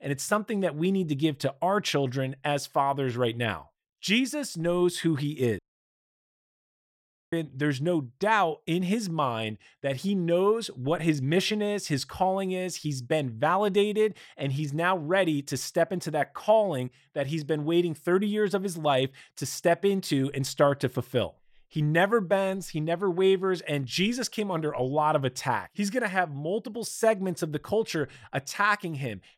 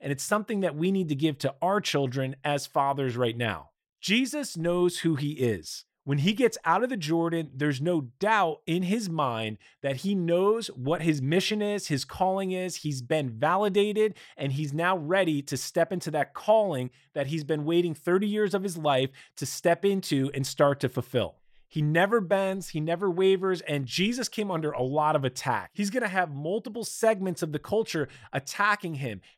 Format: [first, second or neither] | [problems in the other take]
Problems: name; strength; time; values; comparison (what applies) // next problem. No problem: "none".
second | audio cutting out; at 5.5 s for 1.5 s